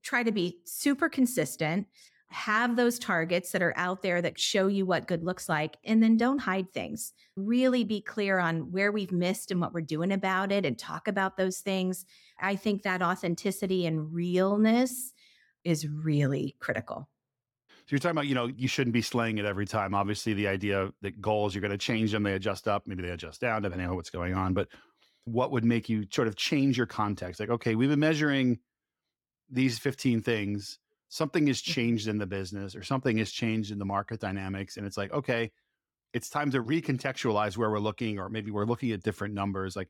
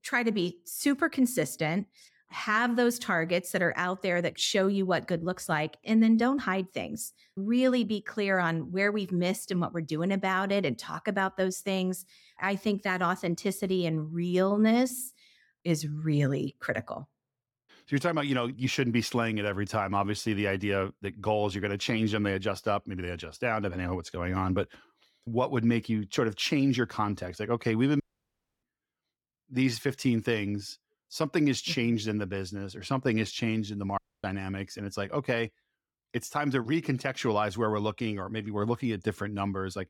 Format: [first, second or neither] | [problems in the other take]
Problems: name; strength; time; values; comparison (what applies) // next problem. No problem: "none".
first | audio cutting out; at 28 s for 0.5 s and at 34 s